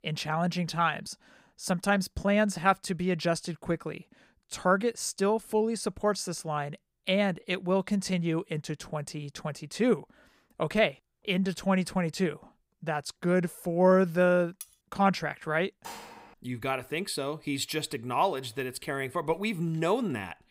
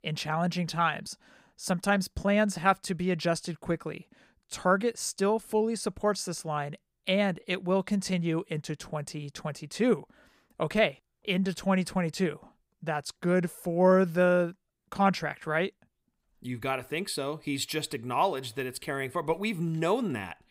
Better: second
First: clattering dishes; very faint; at 15 s; peak 15 dB below the speech // clattering dishes; faint; at 16 s; peak 15 dB below the speech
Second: none

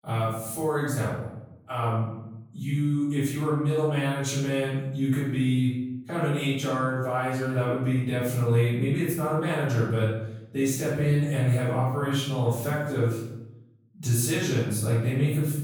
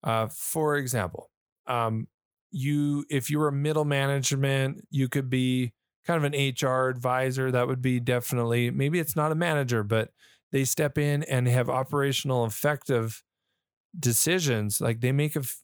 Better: second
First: off-mic speech; far // room echo; noticeable; dies away in 0.8 s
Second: none

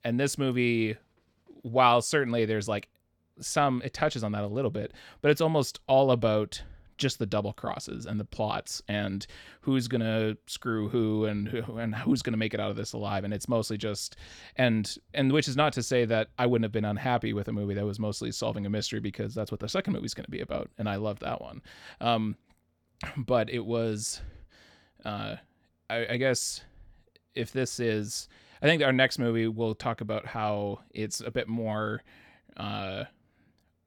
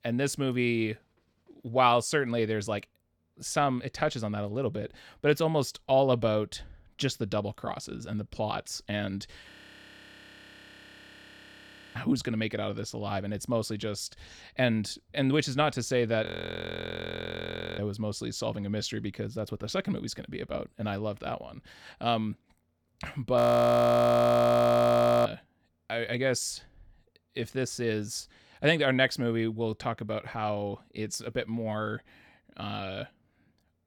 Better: first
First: none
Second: audio freezing; at 9.5 s for 2.5 s, at 16 s for 1.5 s and at 23 s for 2 s

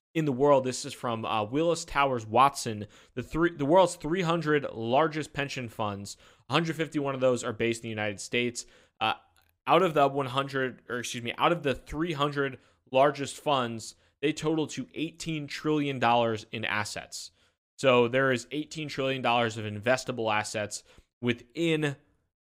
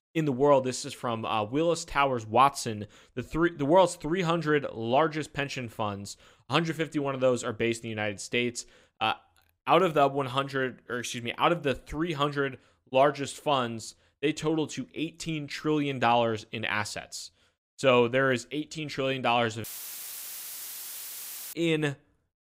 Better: first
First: none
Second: audio cutting out; filled with static; at 20 s for 2 s

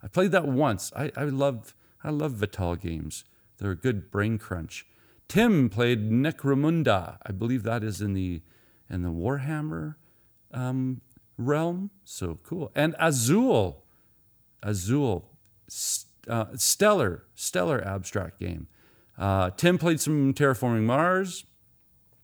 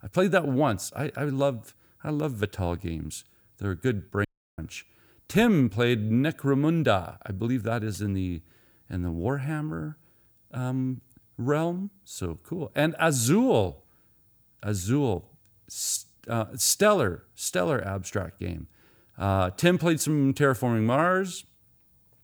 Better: first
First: none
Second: audio cutting out; at 4.5 s

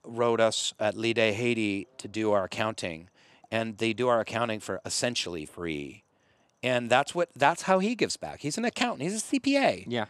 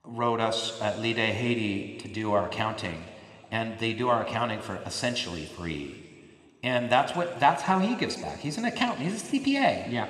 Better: first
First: none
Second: room echo; slight; dies away in 2.1 s

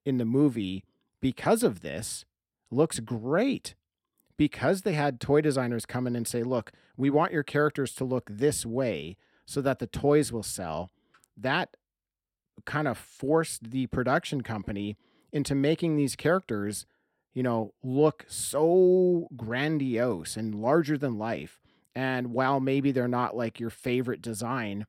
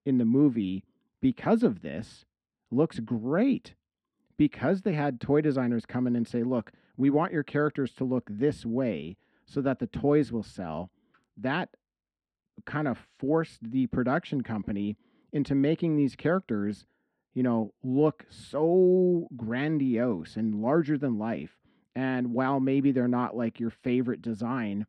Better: first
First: none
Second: muffled; slightly; fading above 3 kHz

